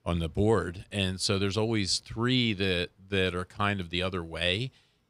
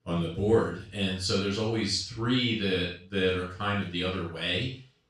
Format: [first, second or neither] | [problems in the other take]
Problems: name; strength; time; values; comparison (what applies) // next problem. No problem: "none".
first | room echo; noticeable; dies away in 0.4 s // off-mic speech; far